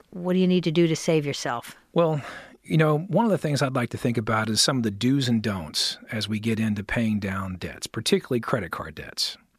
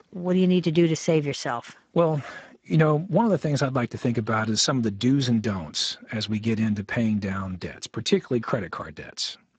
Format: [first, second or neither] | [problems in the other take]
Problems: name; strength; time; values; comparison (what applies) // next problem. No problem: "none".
first | garbled, watery; badly; nothing above 7.5 kHz